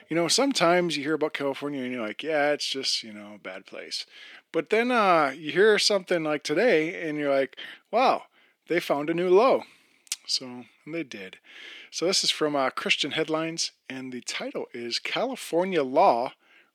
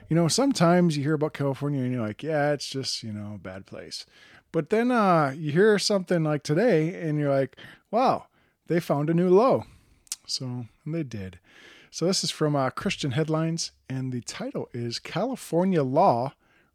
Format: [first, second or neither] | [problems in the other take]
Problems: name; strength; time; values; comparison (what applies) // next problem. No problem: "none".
second | thin; somewhat; fading below 250 Hz